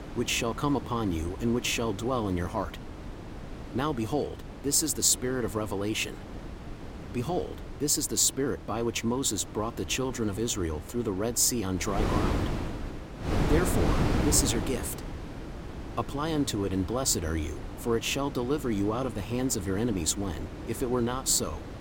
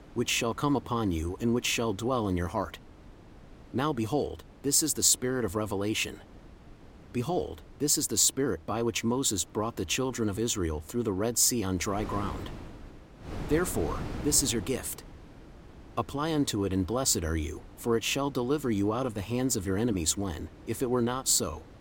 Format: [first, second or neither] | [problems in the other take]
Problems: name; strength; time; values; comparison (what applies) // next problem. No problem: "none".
second | wind noise on the microphone; heavy; 10 dB below the speech; occasional gusts in the second